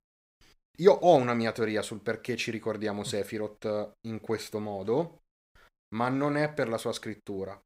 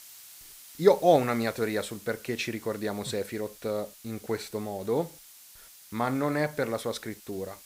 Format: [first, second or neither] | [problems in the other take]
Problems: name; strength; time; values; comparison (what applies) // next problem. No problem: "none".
first | hiss; noticeable; throughout; 20 dB below the speech